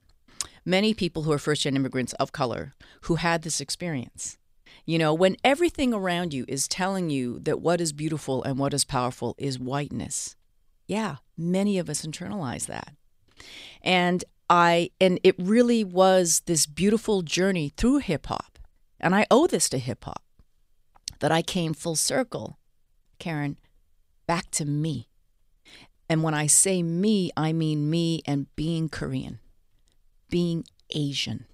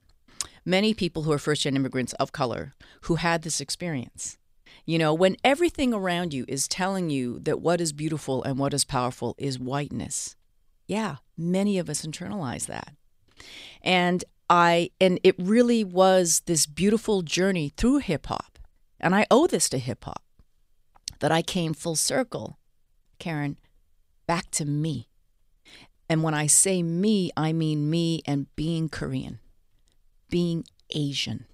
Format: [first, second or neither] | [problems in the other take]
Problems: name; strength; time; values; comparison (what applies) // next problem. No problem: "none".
neither | none